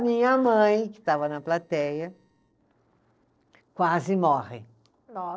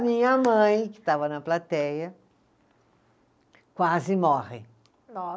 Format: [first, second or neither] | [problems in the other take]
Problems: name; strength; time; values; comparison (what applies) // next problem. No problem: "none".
second | noise reduction (neural separator model SepFormer DNS4)